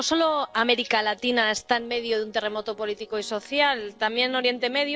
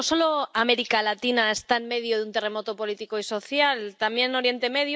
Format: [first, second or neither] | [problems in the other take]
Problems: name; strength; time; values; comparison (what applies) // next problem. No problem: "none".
second | noise reduction (neural separator model SepFormer DNS4)